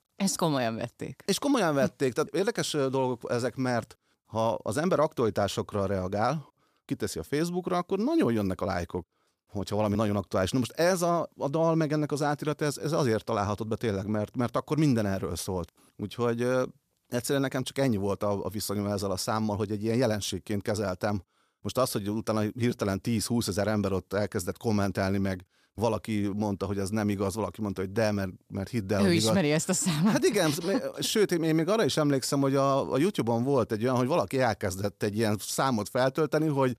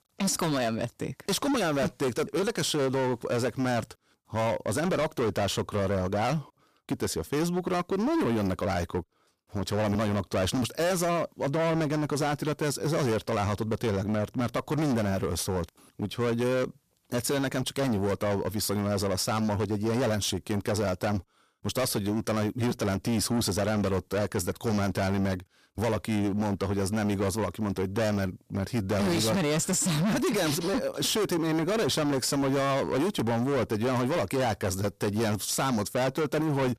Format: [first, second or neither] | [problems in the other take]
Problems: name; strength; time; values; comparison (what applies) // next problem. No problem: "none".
first | distortion; heavy; 24% of the sound clipped